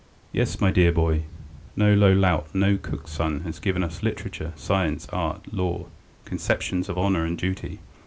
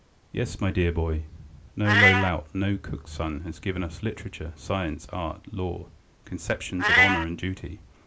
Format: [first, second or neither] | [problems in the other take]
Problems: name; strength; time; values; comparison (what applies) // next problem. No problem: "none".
first | background sound (Meow); 1 dB below the speech